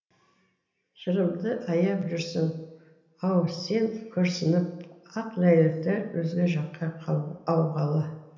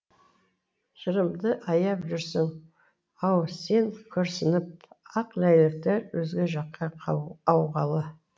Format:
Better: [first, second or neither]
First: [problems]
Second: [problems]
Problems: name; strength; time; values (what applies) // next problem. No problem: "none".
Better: second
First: room echo; dies away in 0.8 s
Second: none